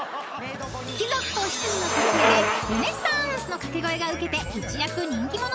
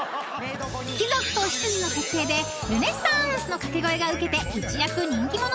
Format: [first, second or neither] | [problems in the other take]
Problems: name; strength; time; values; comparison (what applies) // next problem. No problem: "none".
second | background sound (Bicycle); 2 dB below the speech